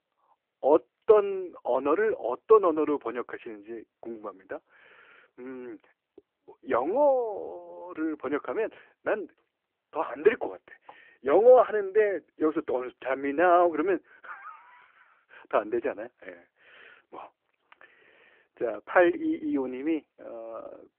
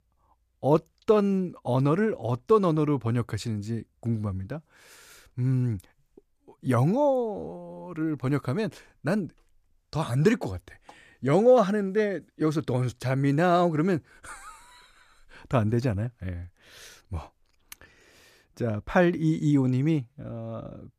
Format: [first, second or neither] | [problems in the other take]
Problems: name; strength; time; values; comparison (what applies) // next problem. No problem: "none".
second | phone-call audio